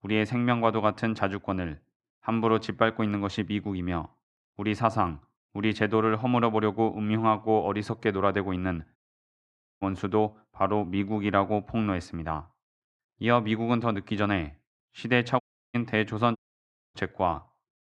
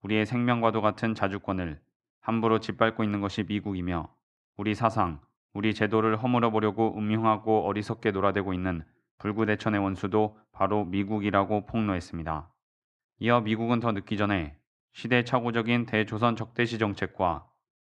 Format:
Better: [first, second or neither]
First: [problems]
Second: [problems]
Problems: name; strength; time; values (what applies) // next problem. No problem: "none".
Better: second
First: audio cutting out; at 9 s for 1 s, at 15 s and at 16 s for 0.5 s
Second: none